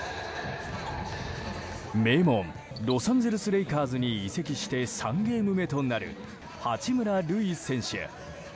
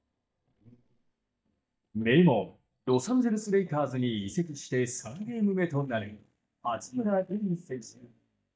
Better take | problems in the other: first | noise reduction (neural mask model DeepFilterNet 3)

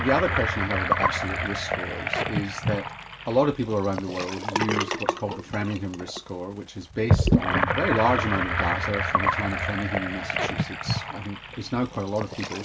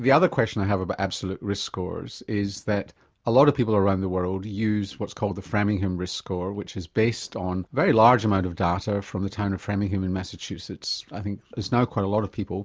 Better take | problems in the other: second | background sound (Sink (filling or washing) / Gurgling); 1 dB above the speech // room echo; dies away in 0.2 s

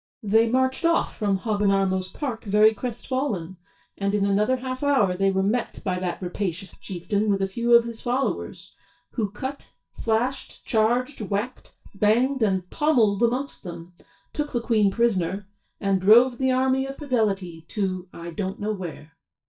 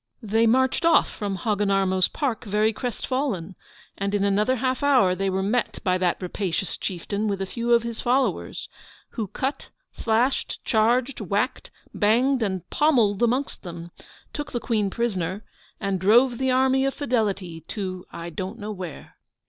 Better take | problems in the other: second | noise reduction (neural mask model DeepFilterNet 3)

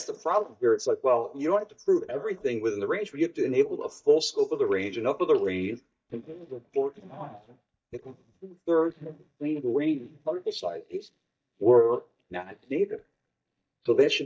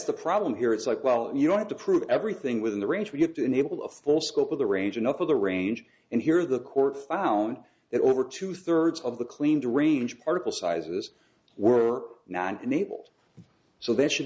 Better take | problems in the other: second | noise reduction (neural mask model DeepFilterNet 3)

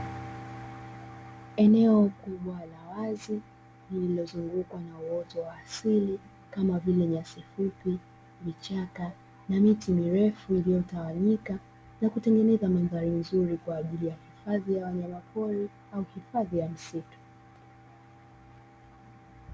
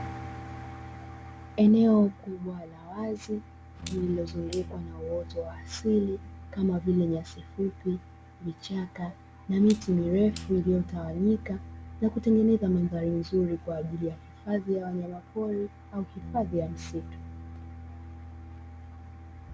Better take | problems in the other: first | background sound (Bass guitar + Clock); 15 dB below the speech

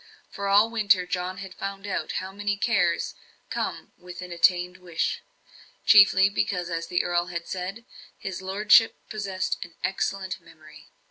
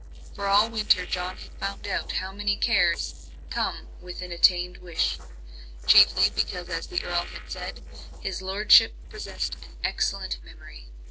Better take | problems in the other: first | noise reduction (neural separator model SepFormer DNS4)

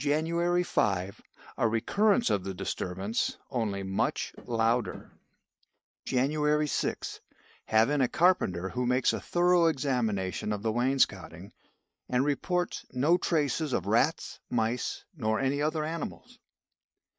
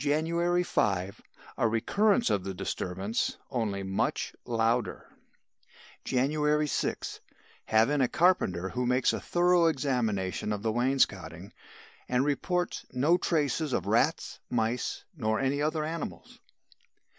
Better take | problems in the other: second | noise reduction (neural mask model RNNoise)

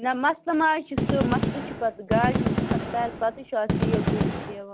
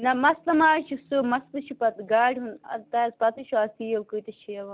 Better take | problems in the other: second | background sound (Gunshot, gunfire); 1 dB above the speech

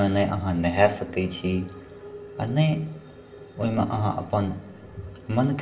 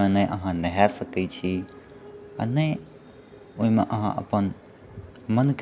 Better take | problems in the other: second | room echo; dies away in 0.6 s

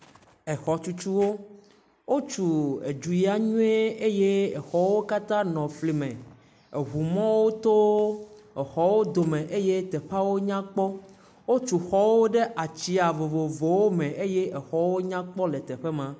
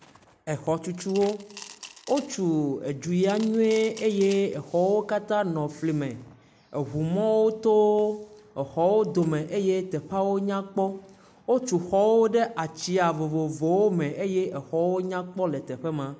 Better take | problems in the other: first | background sound (Coin (dropping) / Glass); 20 dB below the speech

